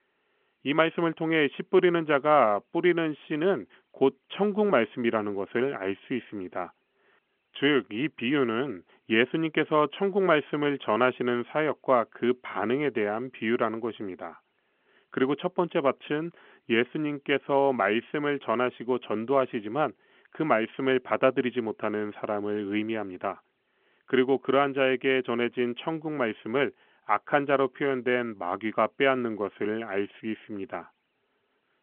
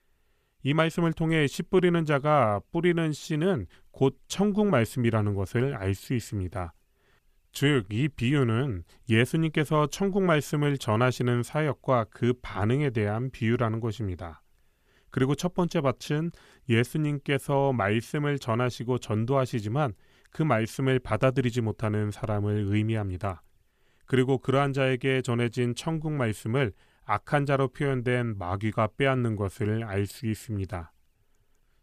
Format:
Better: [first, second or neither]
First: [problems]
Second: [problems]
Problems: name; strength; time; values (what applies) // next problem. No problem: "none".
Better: second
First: phone-call audio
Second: none